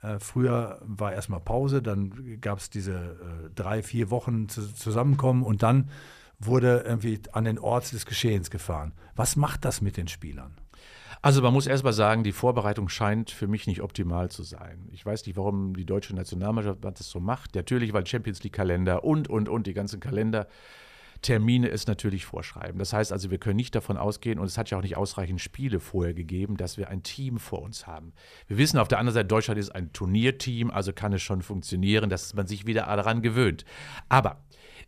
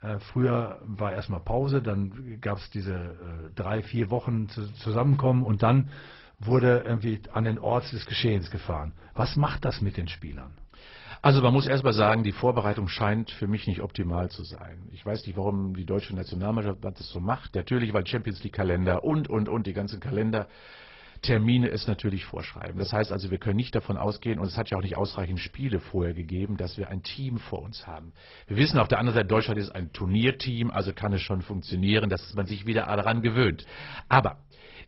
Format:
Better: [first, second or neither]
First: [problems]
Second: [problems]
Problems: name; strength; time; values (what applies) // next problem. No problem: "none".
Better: first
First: none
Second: garbled, watery; badly; nothing above 5.5 kHz